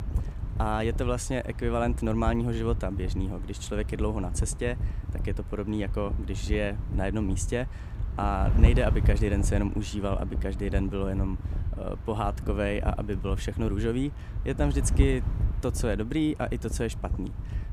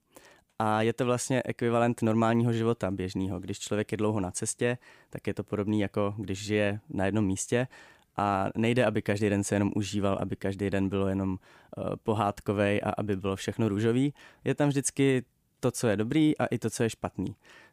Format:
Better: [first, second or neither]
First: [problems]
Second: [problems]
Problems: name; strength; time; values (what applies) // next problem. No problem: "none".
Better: second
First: wind noise on the microphone; occasional gusts; 15 dB below the speech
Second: none